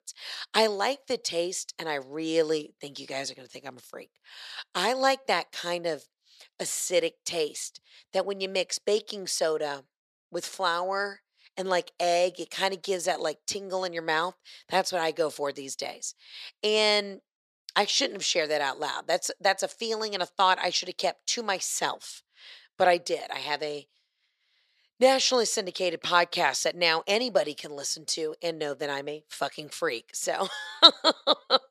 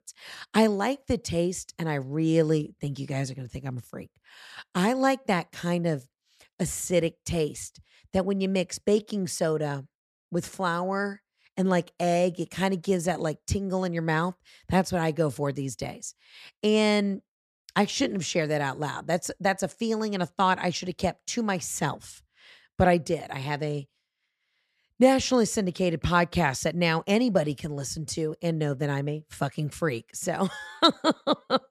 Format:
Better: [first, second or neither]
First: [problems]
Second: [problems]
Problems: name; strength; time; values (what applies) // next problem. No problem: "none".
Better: second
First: thin; somewhat; fading below 500 Hz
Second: none